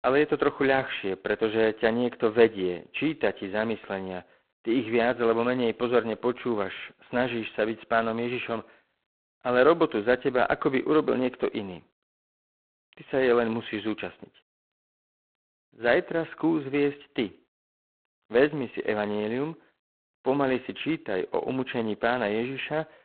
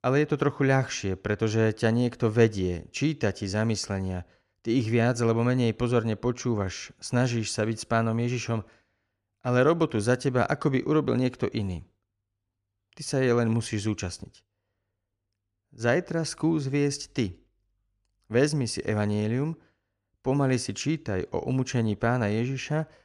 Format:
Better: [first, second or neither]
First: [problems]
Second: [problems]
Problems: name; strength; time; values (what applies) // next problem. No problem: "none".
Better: second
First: phone-call audio; poor line; nothing above 4 kHz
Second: none